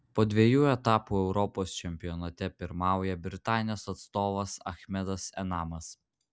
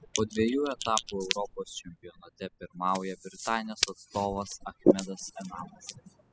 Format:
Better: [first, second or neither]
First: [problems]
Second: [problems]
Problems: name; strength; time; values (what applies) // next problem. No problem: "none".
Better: first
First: none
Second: noise reduction (classical method spectral subtraction)